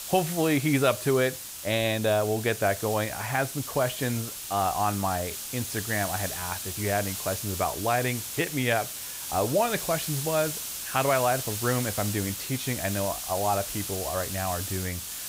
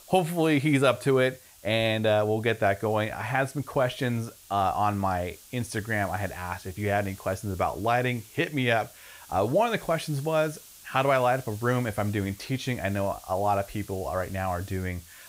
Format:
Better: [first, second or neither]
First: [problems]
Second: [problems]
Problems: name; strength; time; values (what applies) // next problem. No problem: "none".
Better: second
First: hiss; loud; throughout; 5 dB below the speech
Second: hiss; faint; throughout; 20 dB below the speech